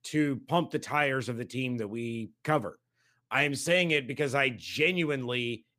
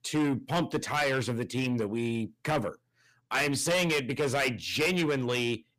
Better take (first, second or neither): first